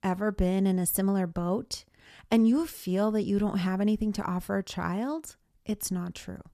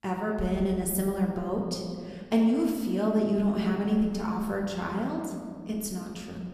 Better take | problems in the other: first | room echo; noticeable; dies away in 1.8 s // off-mic speech; somewhat distant

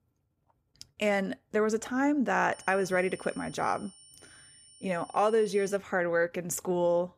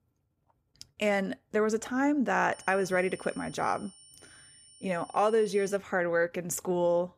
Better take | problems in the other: neither | high-pitched whine; faint; from 2.5 to 6 s; 9 kHz, 20 dB below the speech; the same in both

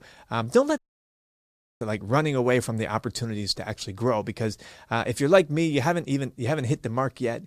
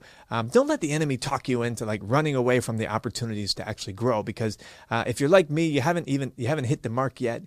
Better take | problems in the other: second | audio cutting out; at 1 s for 1 s

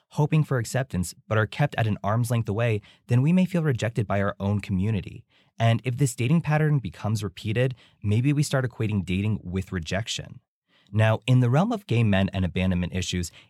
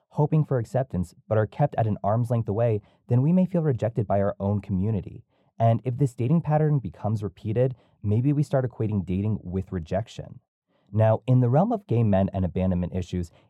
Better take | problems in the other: first | muffled; very; fading above 1 kHz

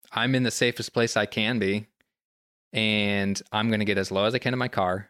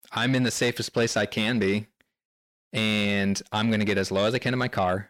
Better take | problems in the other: first | distortion; slight; 10 dB below the speech

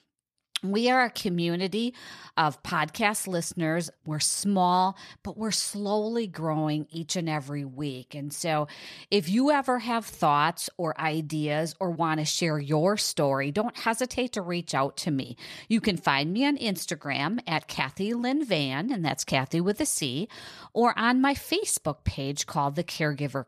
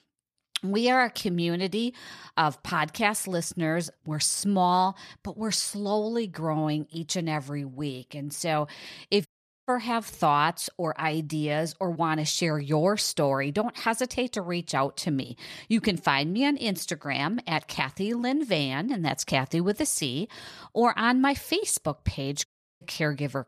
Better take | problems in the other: first | audio cutting out; at 9.5 s and at 22 s

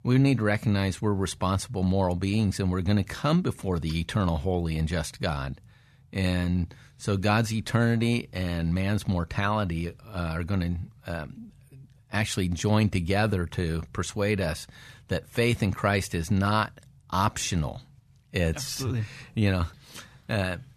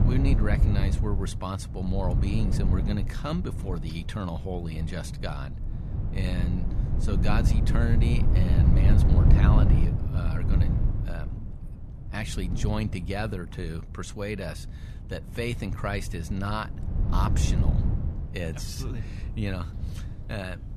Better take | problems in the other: first | wind noise on the microphone; heavy; 4 dB below the speech

